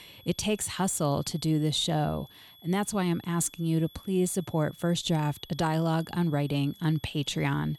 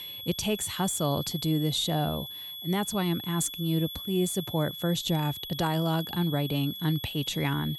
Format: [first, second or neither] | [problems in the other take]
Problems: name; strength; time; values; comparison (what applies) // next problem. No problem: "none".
first | high-pitched whine; loud; throughout; 3.5 kHz, 8 dB below the speech; faint in the first